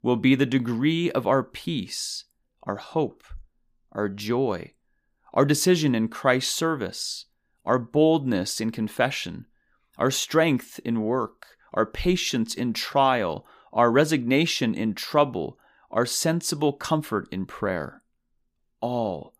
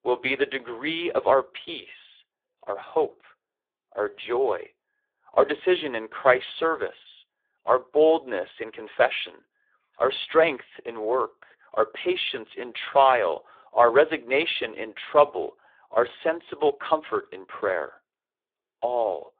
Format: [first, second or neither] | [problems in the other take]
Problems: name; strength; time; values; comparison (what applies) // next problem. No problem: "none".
first | phone-call audio; poor line